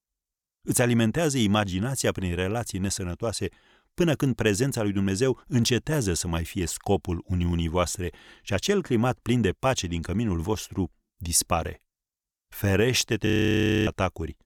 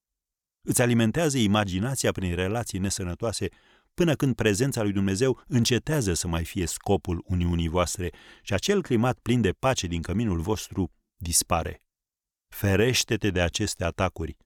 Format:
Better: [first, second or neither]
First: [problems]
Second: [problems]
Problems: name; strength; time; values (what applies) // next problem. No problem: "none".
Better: second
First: audio freezing; at 13 s for 0.5 s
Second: none